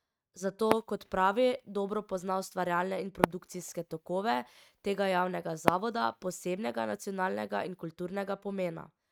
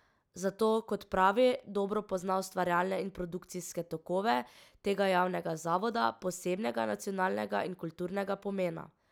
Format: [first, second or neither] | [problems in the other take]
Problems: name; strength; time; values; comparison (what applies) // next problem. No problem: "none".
second | noise reduction (neural mask model RNNoise)